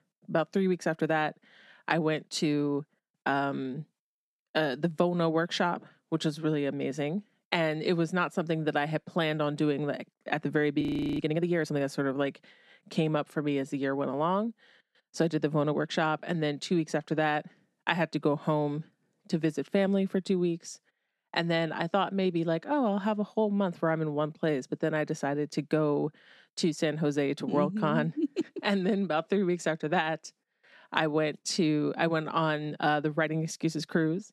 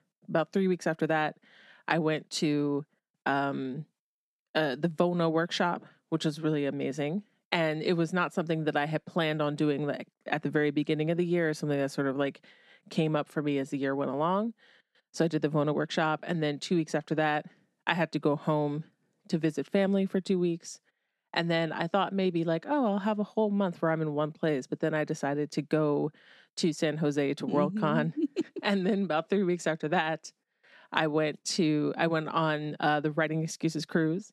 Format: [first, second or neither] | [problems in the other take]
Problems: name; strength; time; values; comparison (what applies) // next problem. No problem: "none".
second | audio freezing; at 11 s